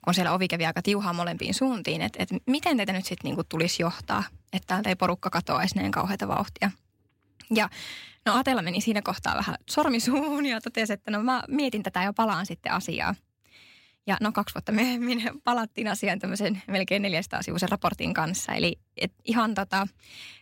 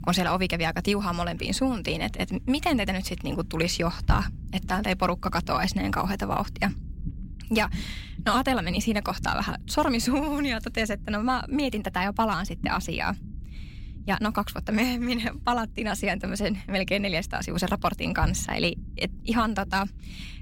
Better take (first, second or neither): first